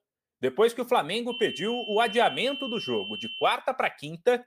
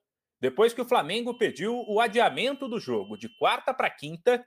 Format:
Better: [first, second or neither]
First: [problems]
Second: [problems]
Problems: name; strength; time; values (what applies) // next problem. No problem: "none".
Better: second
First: high-pitched whine; loud; from 1.5 to 3.5 s; 3 kHz, 8 dB below the speech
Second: high-pitched whine; faint; from 1.5 to 3.5 s; 3 kHz, 25 dB below the speech